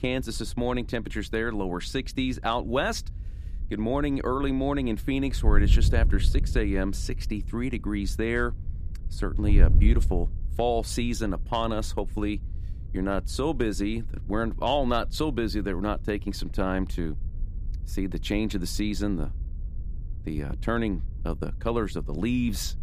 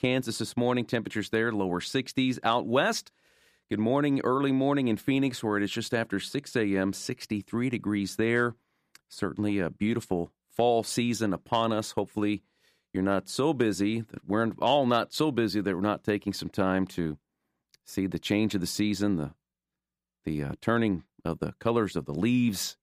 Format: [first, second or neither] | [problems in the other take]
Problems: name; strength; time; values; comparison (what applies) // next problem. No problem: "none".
second | wind noise on the microphone; occasional gusts; 20 dB below the speech